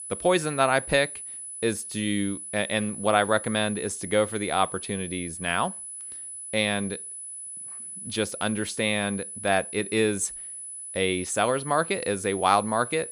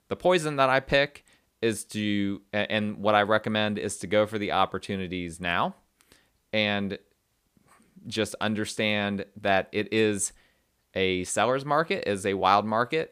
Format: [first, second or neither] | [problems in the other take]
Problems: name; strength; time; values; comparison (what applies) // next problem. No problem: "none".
second | high-pitched whine; loud; throughout; 10 kHz, 9 dB below the speech